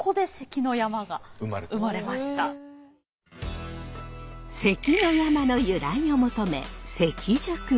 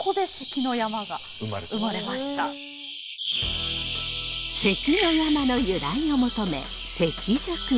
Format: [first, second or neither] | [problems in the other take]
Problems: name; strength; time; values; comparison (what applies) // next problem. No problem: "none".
first | background sound (Bird vocalization, bird call, bird song); 7 dB below the speech